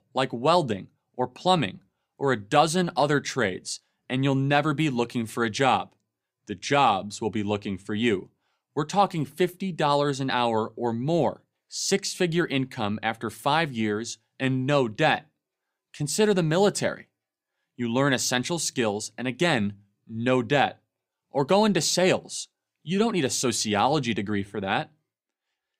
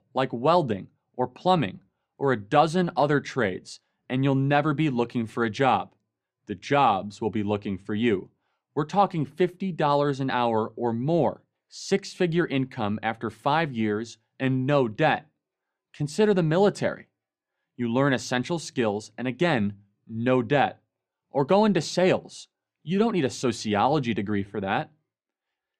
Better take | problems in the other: first | muffled; slightly; fading above 2 kHz

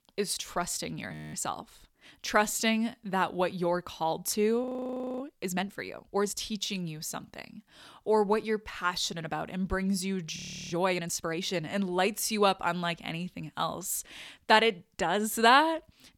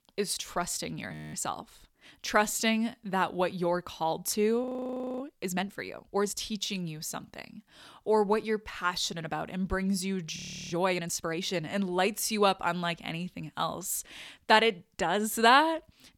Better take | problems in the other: neither | audio freezing; at 1 s, at 4.5 s for 0.5 s and at 10 s; the same in both

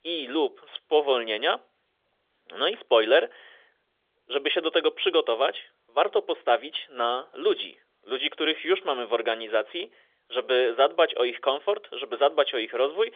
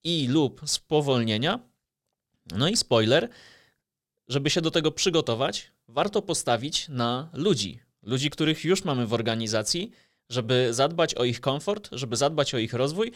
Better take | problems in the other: second | phone-call audio; nothing above 3.5 kHz

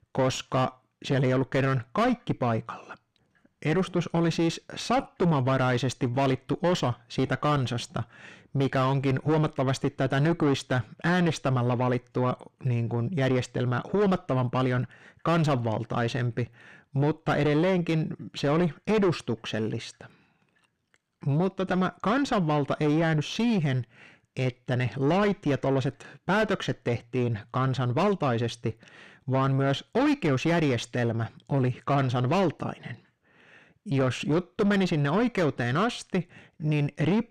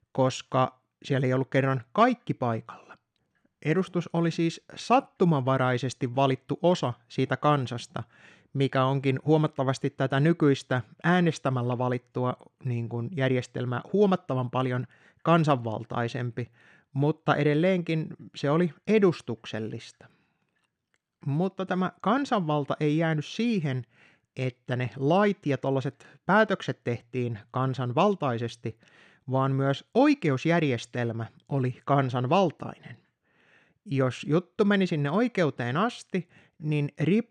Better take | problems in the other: second | distortion; heavy; 7 dB below the speech

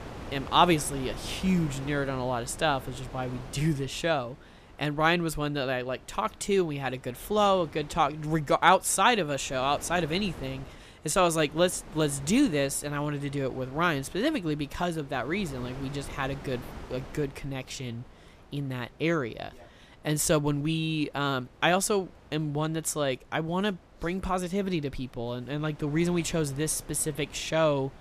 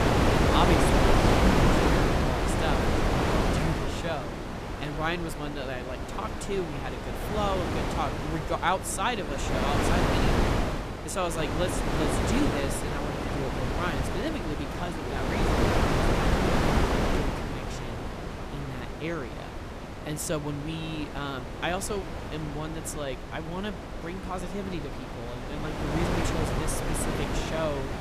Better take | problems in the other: first | wind noise on the microphone; heavy; 3 dB above the speech; occasional gusts in the first

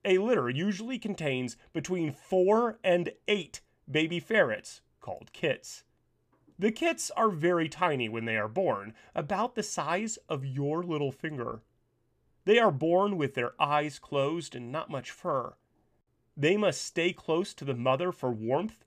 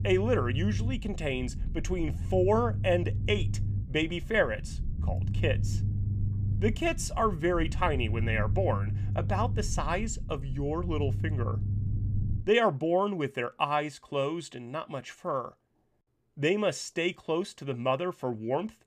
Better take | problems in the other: first | low rumble; noticeable; until 12 s; 15 dB below the speech

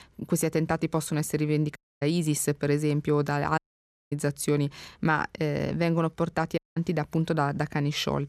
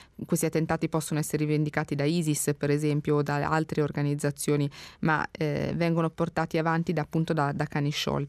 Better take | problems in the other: second | audio cutting out; at 2 s, at 3.5 s for 0.5 s and at 6.5 s

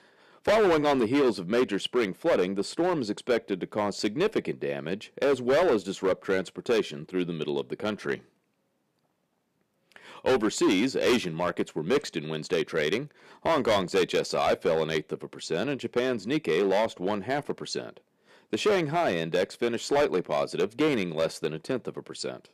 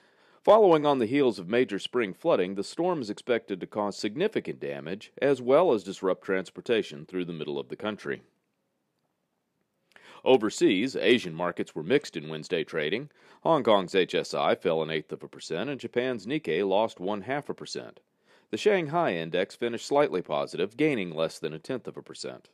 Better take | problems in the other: second | distortion; heavy; 7% of the sound clipped

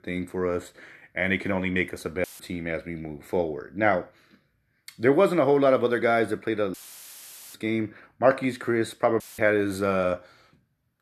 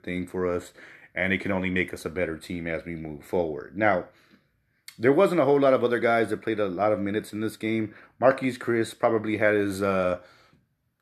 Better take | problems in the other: second | audio cutting out; filled with static; at 2 s, at 6.5 s for 1 s and at 9 s

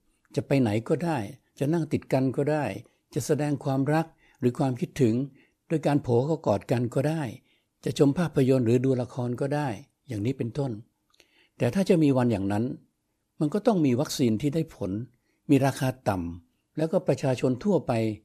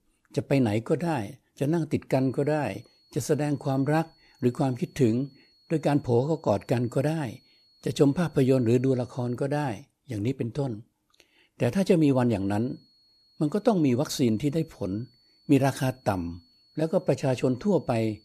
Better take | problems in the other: first | high-pitched whine; faint; from 2 to 9.5 s and from 12 s on; 4.5 kHz, 35 dB below the speech

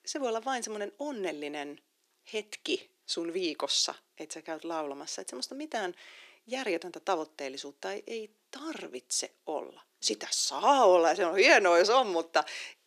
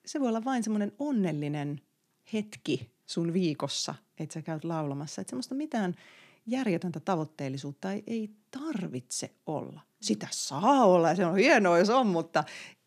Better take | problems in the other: second | thin; somewhat; fading below 400 Hz

